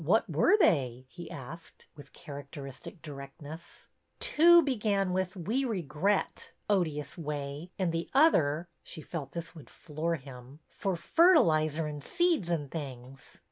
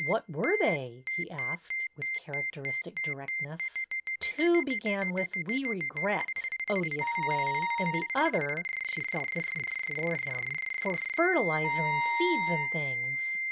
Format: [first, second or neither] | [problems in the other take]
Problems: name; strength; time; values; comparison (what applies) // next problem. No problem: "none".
first | background sound (Wind instrument, woodwind instrument + Ringtone); as loud as the speech